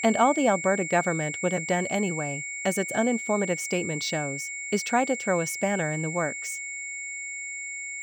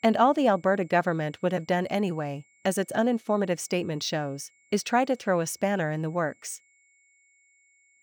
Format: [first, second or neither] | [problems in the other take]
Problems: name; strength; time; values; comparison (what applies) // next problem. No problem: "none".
second | high-pitched whine; loud; throughout; 2 kHz, 5 dB below the speech; faint in the second